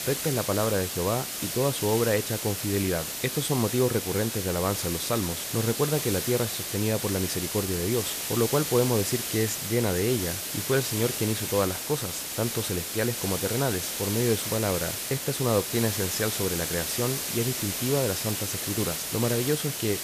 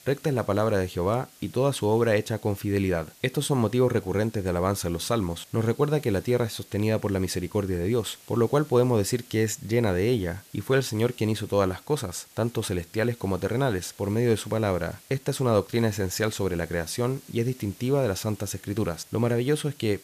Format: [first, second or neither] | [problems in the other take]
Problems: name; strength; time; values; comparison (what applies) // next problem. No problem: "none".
second | hiss; loud; throughout; 2 dB below the speech; faint in the second